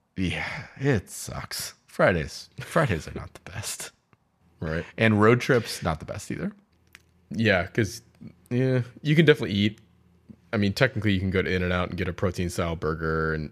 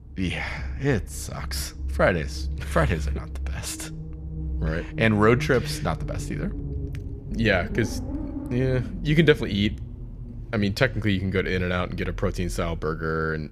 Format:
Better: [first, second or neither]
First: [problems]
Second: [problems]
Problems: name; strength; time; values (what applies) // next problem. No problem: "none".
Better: first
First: none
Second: low rumble; noticeable; throughout; 20 dB below the speech